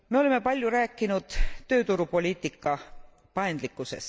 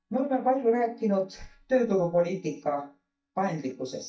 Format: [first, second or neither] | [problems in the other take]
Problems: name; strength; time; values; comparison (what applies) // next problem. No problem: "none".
first | noise reduction (neural mask model DeepFilterNet 3)